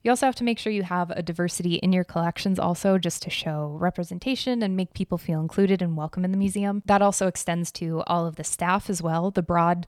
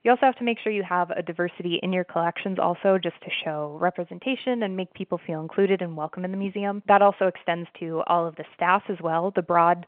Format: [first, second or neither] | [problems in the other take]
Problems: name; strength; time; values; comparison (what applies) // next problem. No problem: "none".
first | phone-call audio; nothing above 3.5 kHz